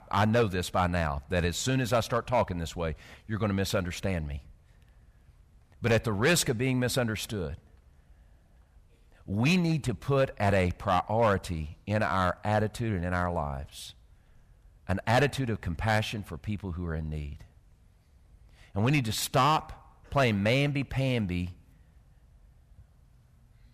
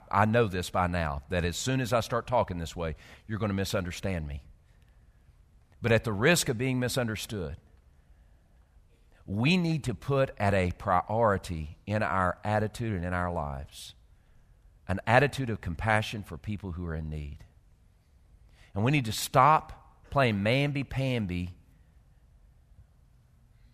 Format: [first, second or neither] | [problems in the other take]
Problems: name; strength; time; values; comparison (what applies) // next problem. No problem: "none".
second | distortion; slight; 2% of the sound clipped